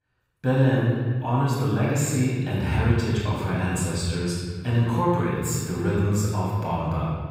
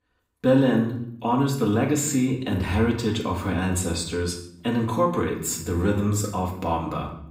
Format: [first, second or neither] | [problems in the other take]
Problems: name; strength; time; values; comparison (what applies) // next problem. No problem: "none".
second | room echo; strong; dies away in 2.2 s; slight in the second // off-mic speech; far; far in the second